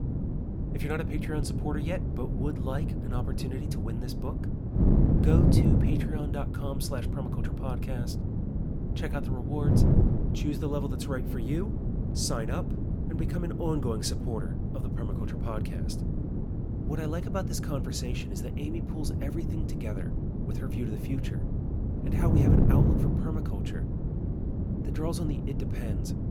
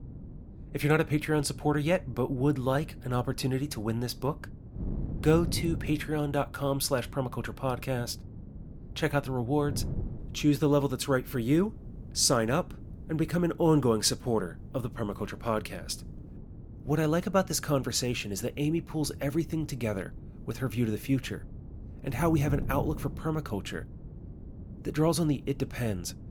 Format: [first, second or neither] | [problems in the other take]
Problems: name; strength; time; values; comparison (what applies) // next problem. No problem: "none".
second | wind noise on the microphone; heavy; as loud as the speech; occasional gusts in the second